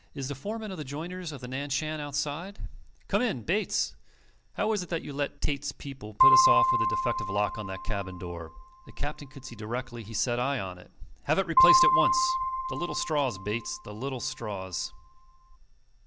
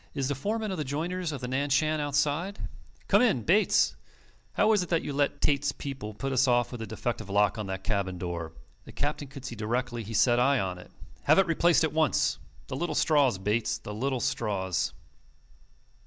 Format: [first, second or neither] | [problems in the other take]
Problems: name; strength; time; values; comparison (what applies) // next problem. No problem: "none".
second | background sound (Piano); 3 dB above the speech